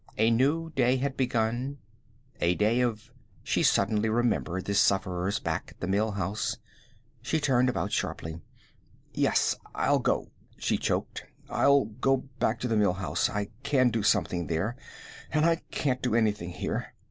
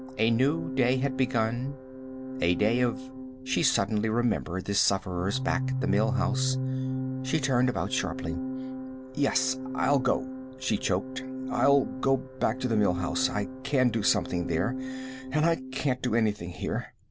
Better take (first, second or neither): first